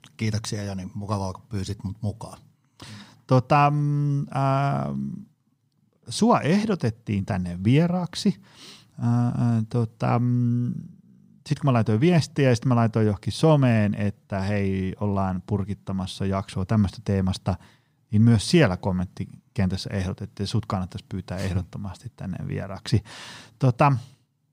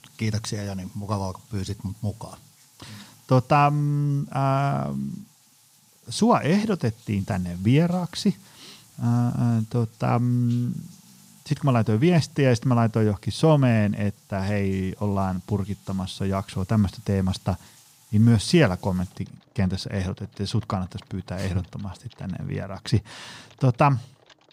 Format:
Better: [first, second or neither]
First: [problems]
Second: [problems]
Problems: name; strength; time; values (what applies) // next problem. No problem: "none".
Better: first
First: none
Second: household noises; faint; throughout; 30 dB below the speech